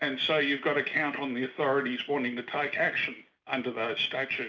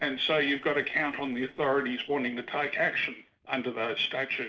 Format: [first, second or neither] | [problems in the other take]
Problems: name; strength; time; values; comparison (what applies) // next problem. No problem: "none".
first | noise reduction (neural separator model SepFormer DNS4)